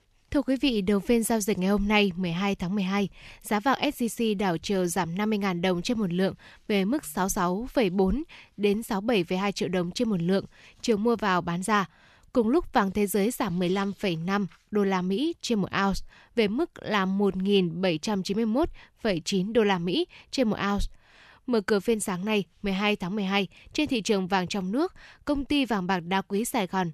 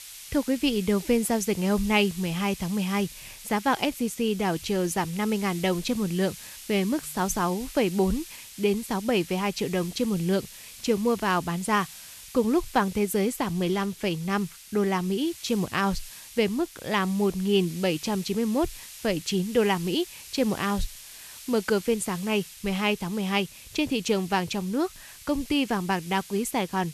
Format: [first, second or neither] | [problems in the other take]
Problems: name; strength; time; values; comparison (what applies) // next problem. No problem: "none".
first | hiss; noticeable; throughout; 15 dB below the speech